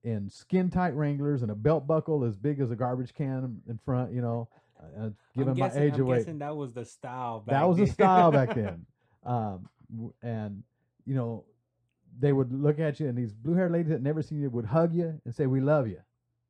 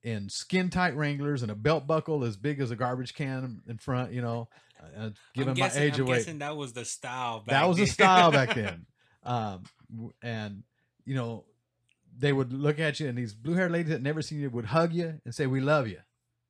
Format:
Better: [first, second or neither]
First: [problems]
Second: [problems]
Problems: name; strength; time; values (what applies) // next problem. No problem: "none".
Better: second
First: muffled; very; fading above 1.5 kHz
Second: none